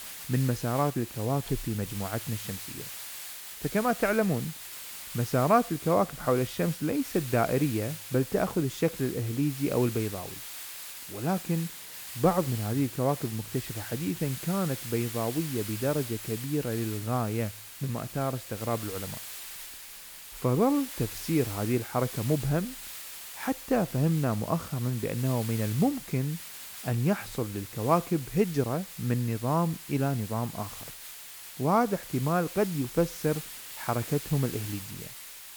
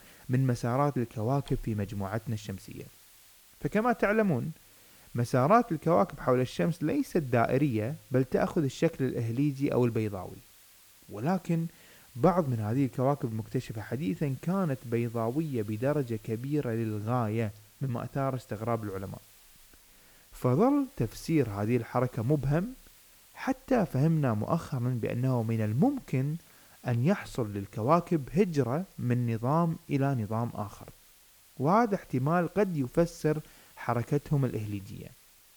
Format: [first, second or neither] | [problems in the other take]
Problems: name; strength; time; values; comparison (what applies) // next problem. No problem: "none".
second | hiss; loud; throughout; 10 dB below the speech; faint in the second